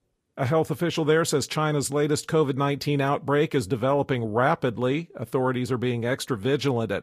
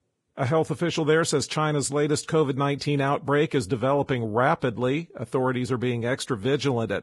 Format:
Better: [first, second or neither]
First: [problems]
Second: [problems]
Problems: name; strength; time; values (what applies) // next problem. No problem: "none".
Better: first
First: garbled, watery; slightly; nothing above 15.5 kHz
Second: garbled, watery; badly; nothing above 10.5 kHz